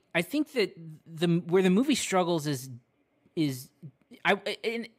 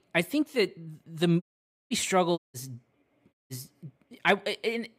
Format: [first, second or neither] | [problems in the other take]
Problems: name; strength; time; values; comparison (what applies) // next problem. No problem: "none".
first | audio cutting out; at 1.5 s, at 2.5 s and at 3.5 s